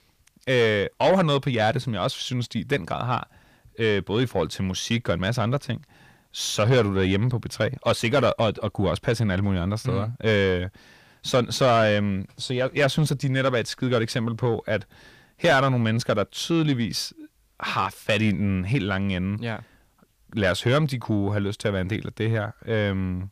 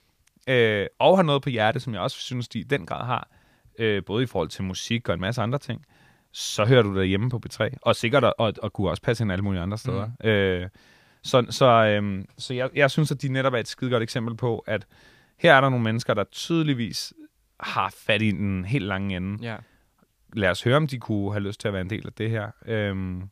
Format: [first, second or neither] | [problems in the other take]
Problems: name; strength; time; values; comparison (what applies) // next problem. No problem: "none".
second | distortion; slight; 10 dB below the speech